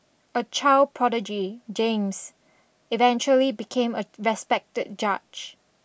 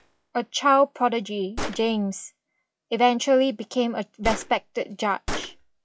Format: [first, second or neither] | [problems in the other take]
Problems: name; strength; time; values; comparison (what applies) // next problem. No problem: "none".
first | noise reduction (classical method log-MMSE)